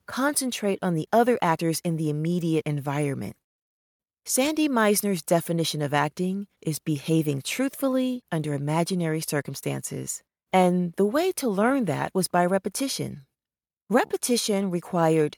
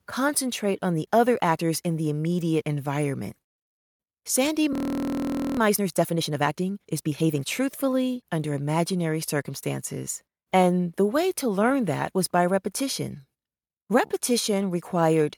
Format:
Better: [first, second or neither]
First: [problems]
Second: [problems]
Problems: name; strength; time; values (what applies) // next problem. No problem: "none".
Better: first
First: none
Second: audio freezing; at 4.5 s for 1 s